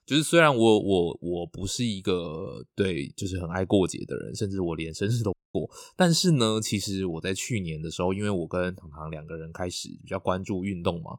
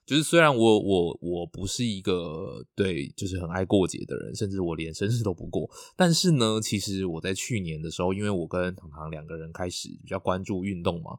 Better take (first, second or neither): second